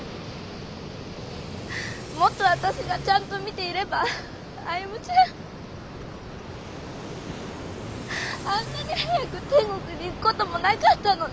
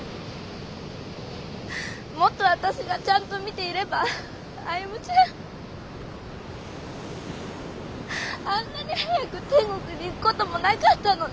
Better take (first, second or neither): second